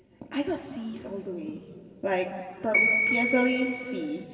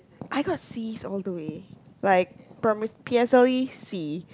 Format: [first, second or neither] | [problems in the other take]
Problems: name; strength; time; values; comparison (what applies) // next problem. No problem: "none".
second | background sound (Bell); 4 dB above the speech // room echo; dies away in 2.5 s